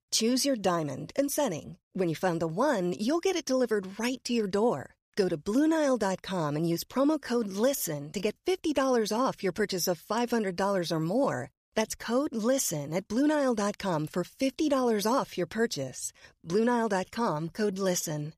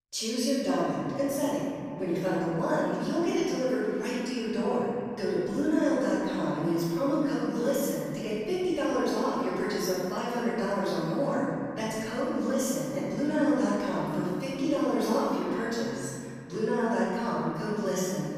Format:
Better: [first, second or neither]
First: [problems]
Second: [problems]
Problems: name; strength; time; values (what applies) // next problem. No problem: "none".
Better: first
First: none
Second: room echo; strong; dies away in 2.8 s // off-mic speech; far